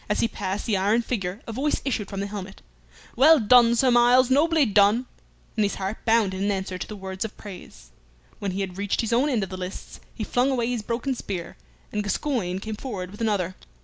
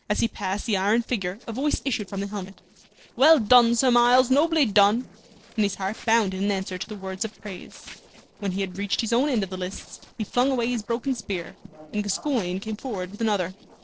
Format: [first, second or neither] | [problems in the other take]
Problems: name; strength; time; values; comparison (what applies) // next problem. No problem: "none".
first | noise reduction (neural separator model SepFormer DNS4)